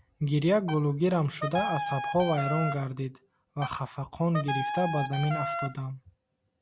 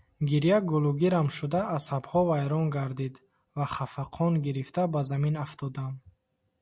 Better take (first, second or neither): second